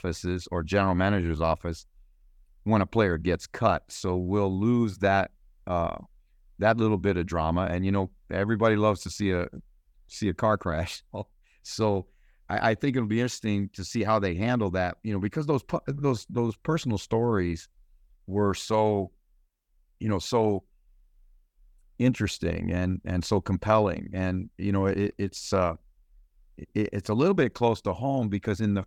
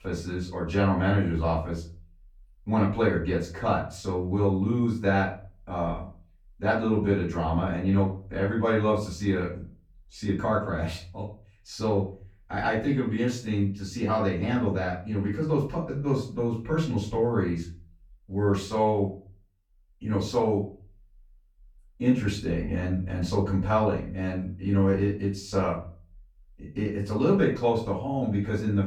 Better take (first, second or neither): first